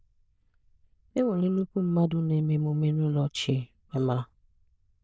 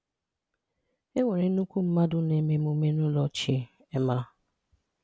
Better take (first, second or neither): second